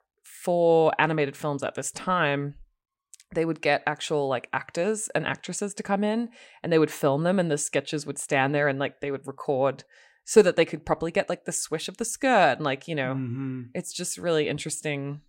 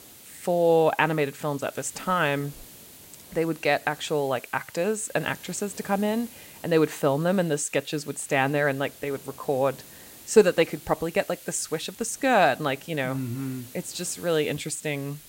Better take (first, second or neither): first